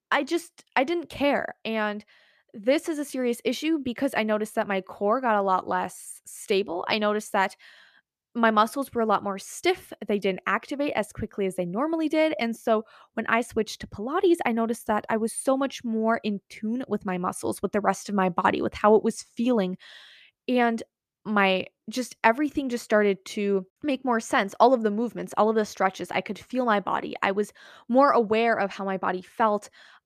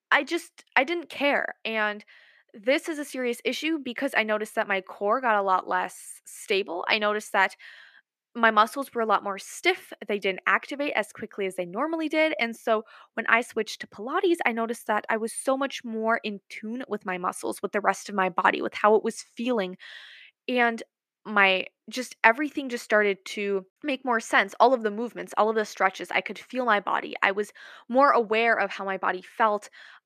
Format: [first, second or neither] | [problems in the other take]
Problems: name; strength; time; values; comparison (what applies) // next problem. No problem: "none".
first | thin; very slightly; fading below 250 Hz